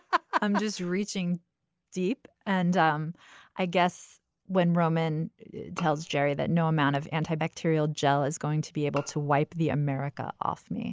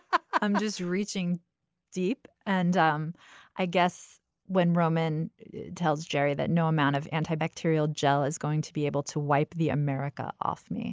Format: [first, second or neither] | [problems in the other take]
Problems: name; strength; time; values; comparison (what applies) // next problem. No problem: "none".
second | background sound (Bowed string instrument); 19 dB below the speech